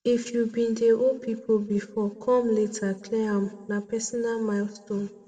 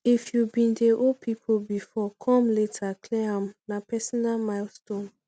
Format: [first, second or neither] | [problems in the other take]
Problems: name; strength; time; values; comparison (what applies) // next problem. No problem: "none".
second | room echo; dies away in 1.2 s